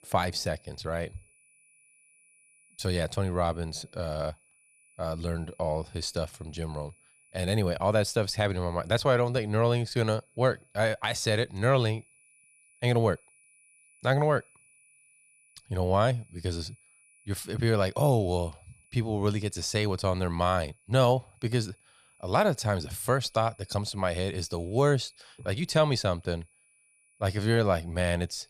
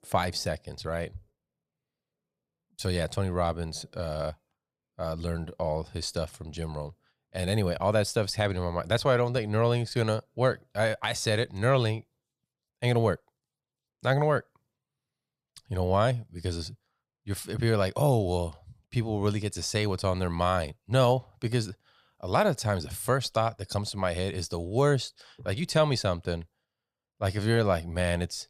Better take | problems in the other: second | high-pitched whine; faint; throughout; 10 kHz, 30 dB below the speech

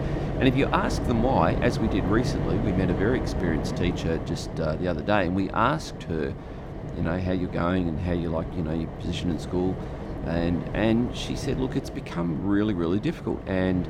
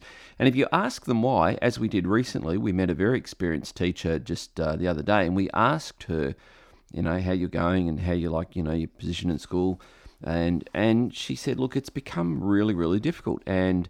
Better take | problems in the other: second | wind noise on the microphone; heavy; 8 dB below the speech

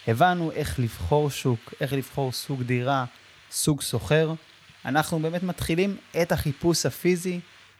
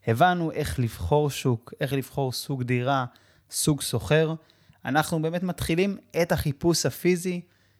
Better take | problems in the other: second | hiss; faint; throughout; 25 dB below the speech

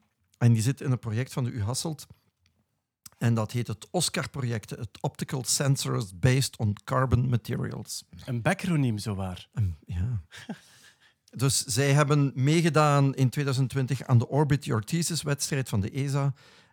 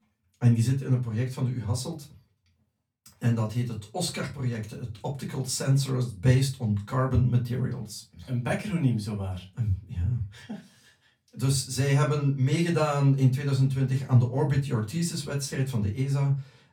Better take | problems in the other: first | off-mic speech; far // room echo; very slight; dies away in 0.2 s

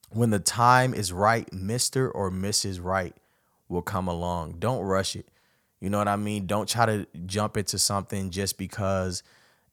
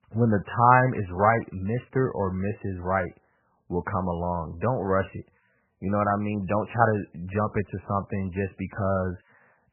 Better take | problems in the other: first | garbled, watery; badly; nothing above 3 kHz

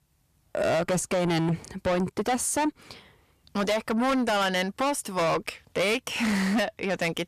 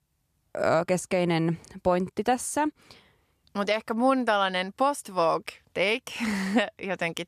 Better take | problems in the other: second | distortion; heavy; 6 dB below the speech

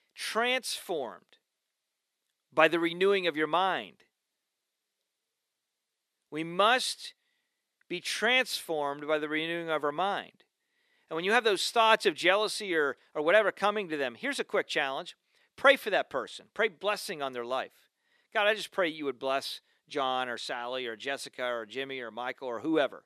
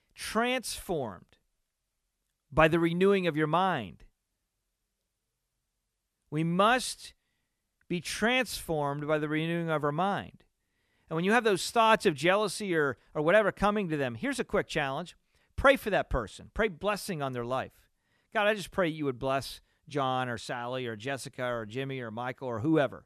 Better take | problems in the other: second | thin; somewhat; fading below 350 Hz

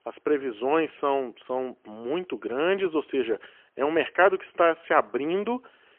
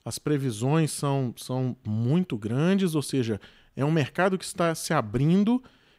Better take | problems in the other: second | phone-call audio; poor line; nothing above 3 kHz

